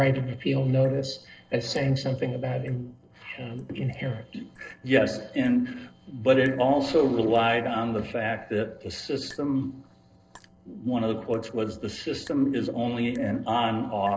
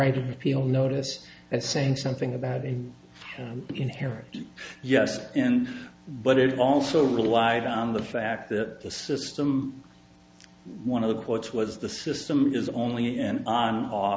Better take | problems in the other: second | noise reduction (neural separator model SepFormer DNS4)

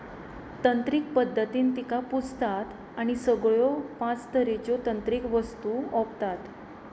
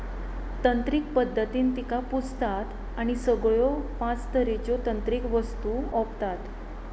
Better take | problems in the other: first | background sound (Mechanisms); 7 dB below the speech

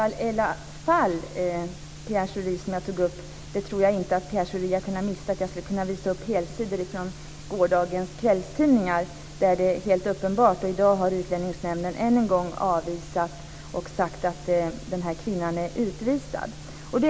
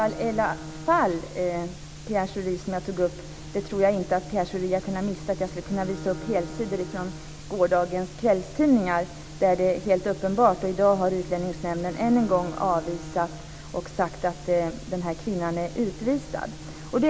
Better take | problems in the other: first | background sound (Bowed string instrument); 18 dB below the speech

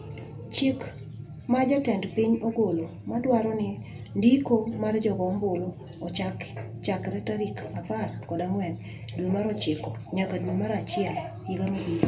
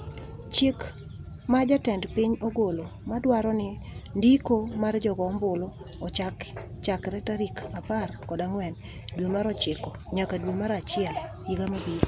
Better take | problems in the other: second | room echo; dies away in 0.3 s

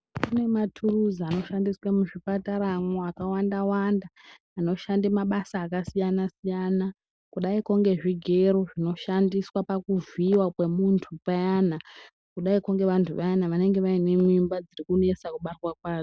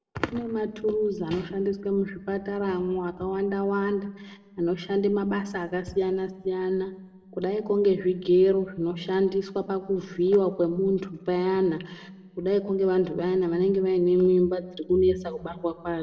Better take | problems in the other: first | room echo; dies away in 0.7 s

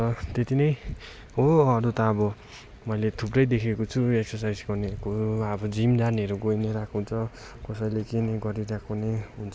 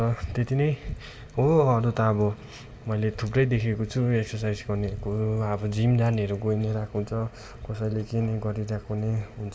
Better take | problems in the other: first | room echo; dies away in 1.6 s

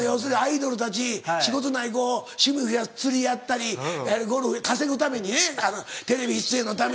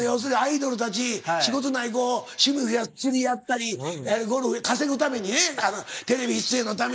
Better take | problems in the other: first | noise reduction (neural mask model Resemble Enhance denoiser)

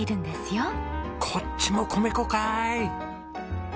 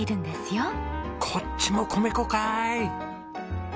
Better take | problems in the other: second | background sound (Engine); 18 dB below the speech

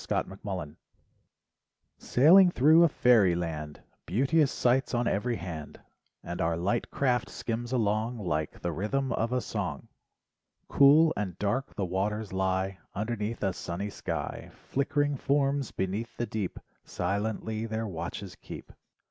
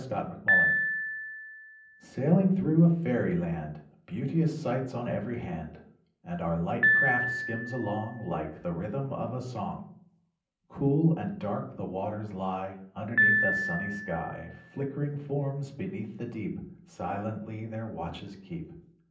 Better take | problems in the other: first | background sound (Piano); 3 dB below the speech // room echo; dies away in 0.6 s

